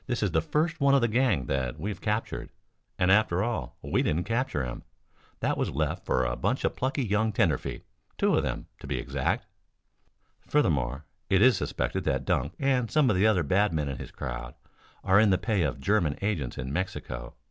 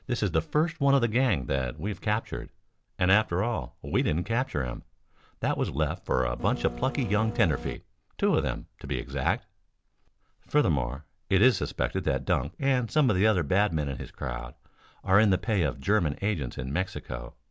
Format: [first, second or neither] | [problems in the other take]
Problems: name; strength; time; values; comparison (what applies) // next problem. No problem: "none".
first | background sound (Printer); 10 dB below the speech